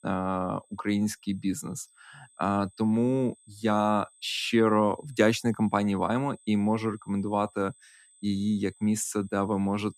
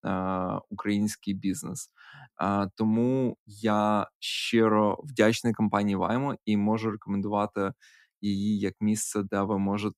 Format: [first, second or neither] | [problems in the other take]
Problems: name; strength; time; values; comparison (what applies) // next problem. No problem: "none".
second | high-pitched whine; faint; throughout; 8 kHz, 30 dB below the speech